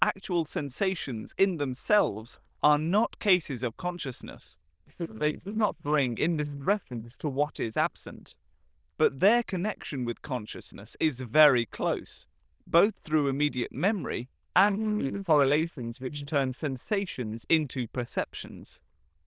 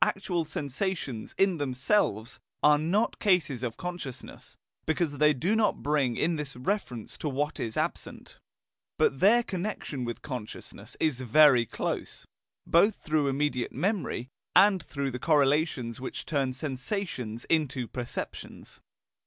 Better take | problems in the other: second | noise reduction (neural diffusion model UNIVERSE++)

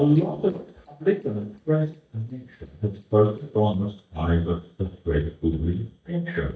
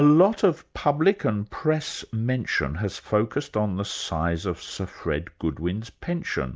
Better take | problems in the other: second | noise reduction (neural mask model DeepFilterNet 3)

